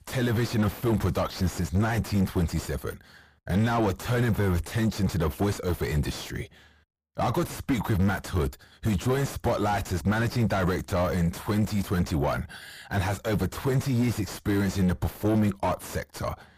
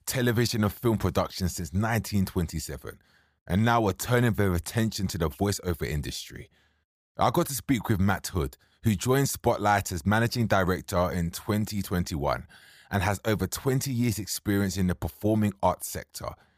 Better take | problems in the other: second | distortion; heavy; 5 dB below the speech

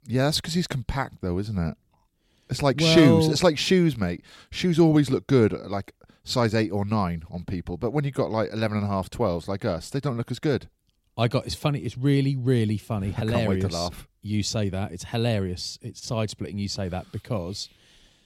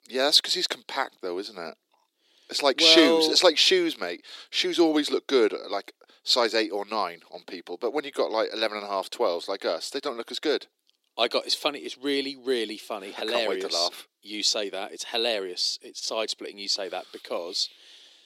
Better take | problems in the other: first | thin; very; fading below 350 Hz

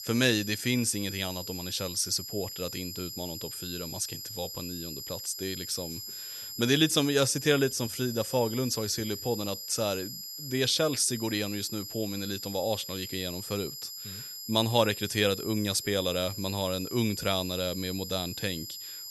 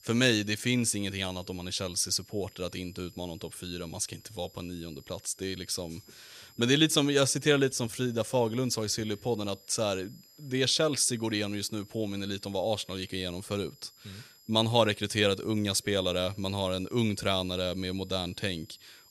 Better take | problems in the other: second | high-pitched whine; loud; throughout; 5 kHz, 8 dB below the speech; faint in the second

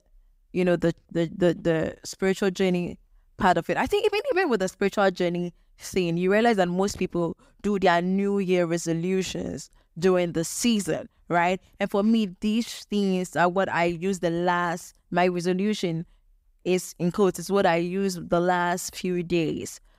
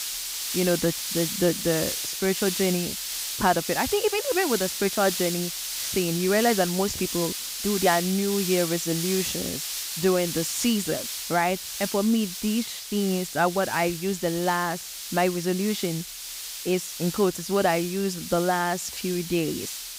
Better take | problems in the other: first | hiss; loud; throughout; 4 dB below the speech

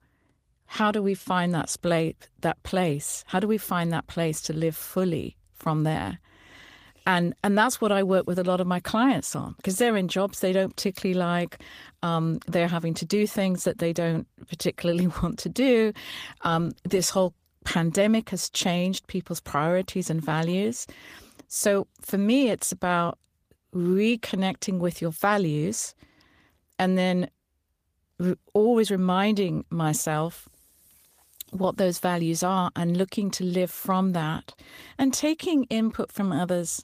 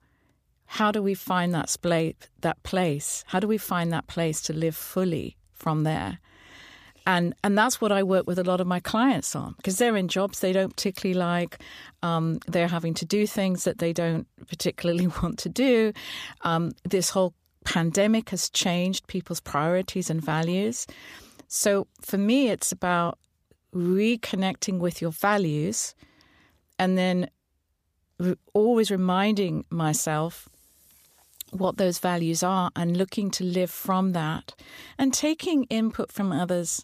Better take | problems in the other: second | garbled, watery; slightly; nothing above 15 kHz

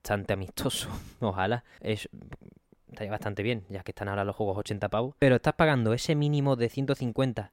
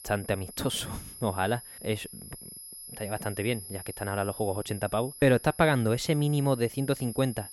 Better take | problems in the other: first | high-pitched whine; noticeable; throughout; 10.5 kHz, 15 dB below the speech

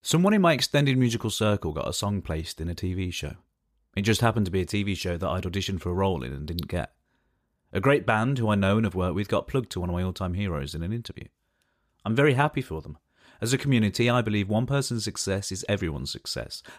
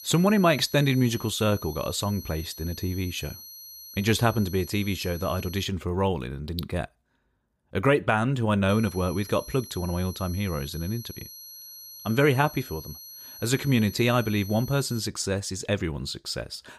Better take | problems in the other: first | high-pitched whine; noticeable; until 5.5 s and from 8.5 to 15 s; 11.5 kHz, 15 dB below the speech

